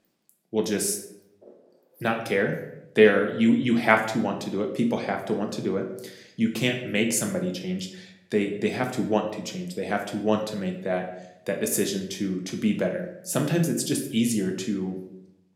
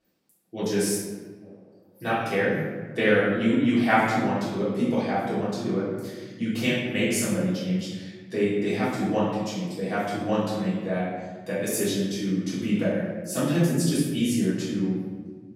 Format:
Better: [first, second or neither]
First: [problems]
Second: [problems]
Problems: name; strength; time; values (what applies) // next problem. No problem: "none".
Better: first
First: room echo; slight; dies away in 0.6 s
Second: room echo; strong; dies away in 1.4 s // off-mic speech; far